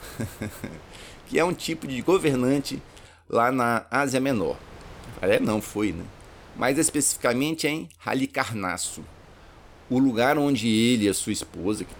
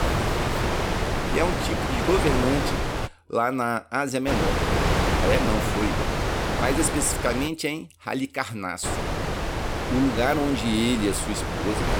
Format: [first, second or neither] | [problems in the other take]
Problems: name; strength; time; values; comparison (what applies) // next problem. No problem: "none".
first | wind noise on the microphone; heavy; until 3 s, from 4.5 to 7.5 s and from 9 s on; as loud as the speech; occasional gusts in the first